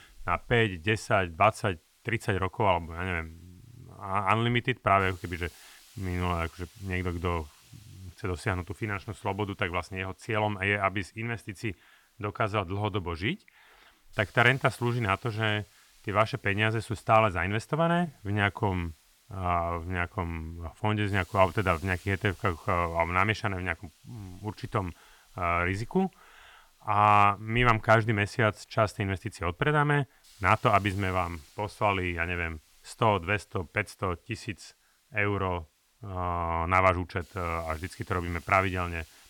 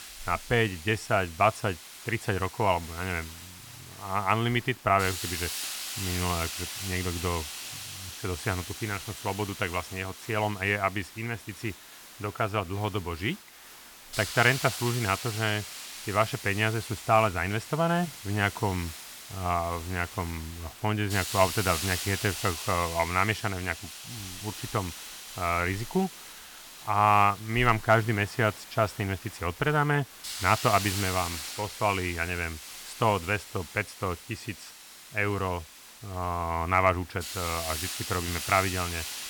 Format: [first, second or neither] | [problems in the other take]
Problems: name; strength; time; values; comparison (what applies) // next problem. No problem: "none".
first | hiss; loud; throughout; 9 dB below the speech; faint in the first